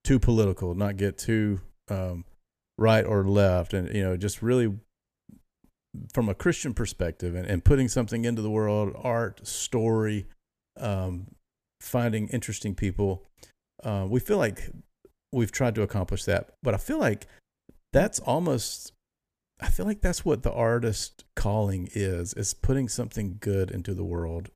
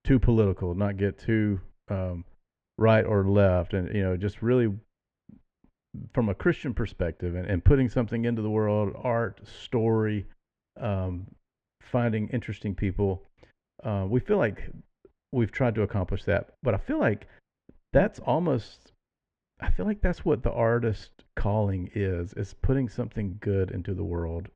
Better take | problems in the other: first | muffled; very; fading above 2.5 kHz

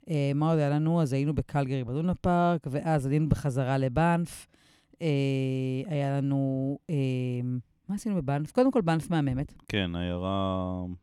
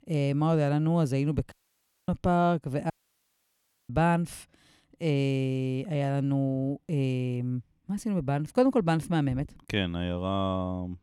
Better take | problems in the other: first | audio cutting out; at 1.5 s for 0.5 s and at 3 s for 1 s

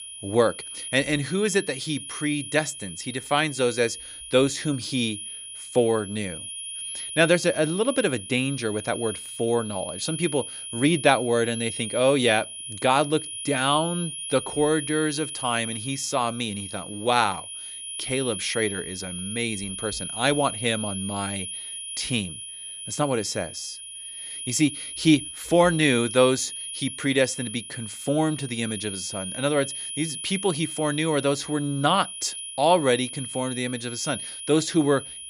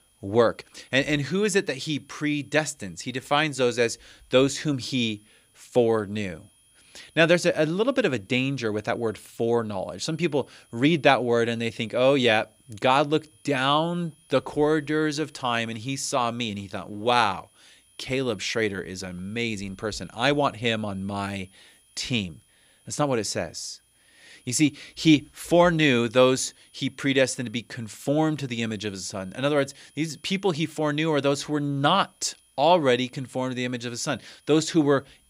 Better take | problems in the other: second | high-pitched whine; loud; throughout; 10.5 kHz, 8 dB below the speech; faint in the second

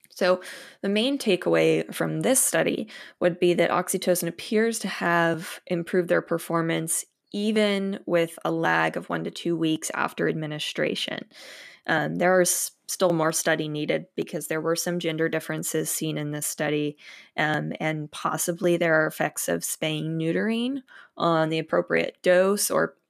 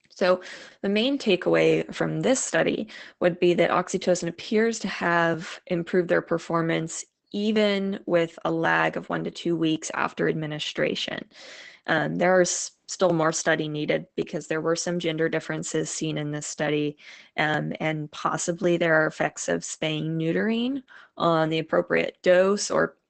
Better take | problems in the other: first | garbled, watery; badly; nothing above 8 kHz

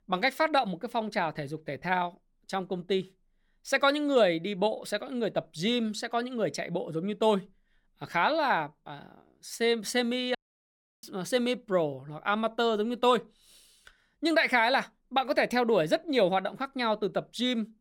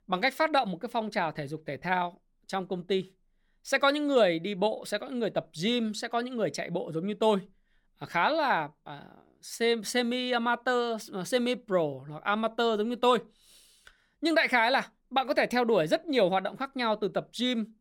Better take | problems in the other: second | audio cutting out; at 10 s for 0.5 s

